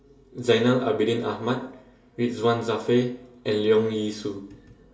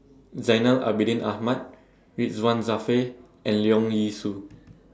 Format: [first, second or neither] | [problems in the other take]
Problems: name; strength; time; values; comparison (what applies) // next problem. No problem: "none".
second | room echo; dies away in 0.6 s